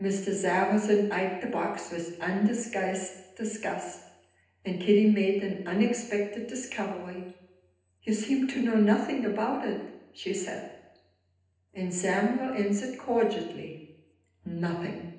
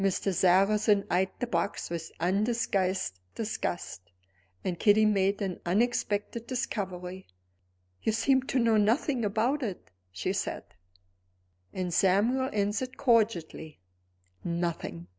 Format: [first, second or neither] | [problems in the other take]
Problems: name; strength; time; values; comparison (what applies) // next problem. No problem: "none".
second | room echo; dies away in 0.9 s